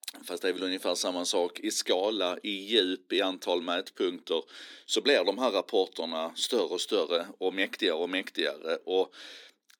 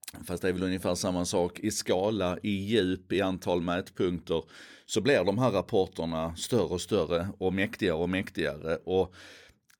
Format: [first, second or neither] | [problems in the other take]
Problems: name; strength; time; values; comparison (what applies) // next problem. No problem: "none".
second | thin; very slightly; fading below 250 Hz